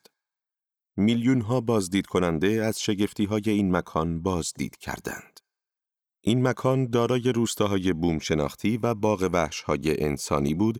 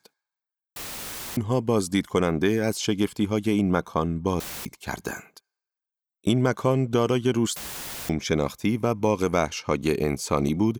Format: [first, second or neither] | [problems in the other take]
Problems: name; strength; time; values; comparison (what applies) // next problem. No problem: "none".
first | audio cutting out; filled with static; at 1 s for 0.5 s, at 4.5 s and at 7.5 s for 0.5 s